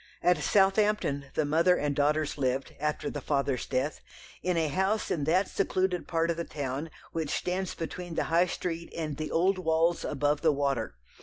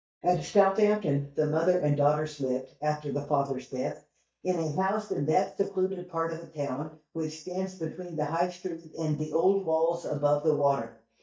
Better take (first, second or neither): first